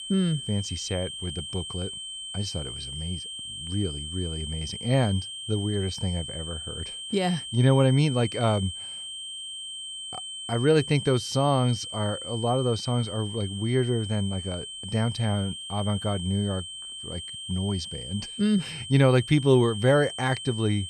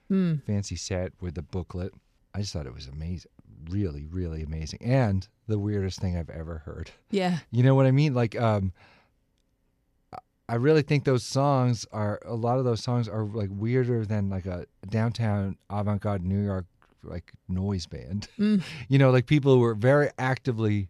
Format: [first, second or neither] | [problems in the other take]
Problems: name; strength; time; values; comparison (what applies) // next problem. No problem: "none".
second | high-pitched whine; loud; throughout; 3 kHz, 8 dB below the speech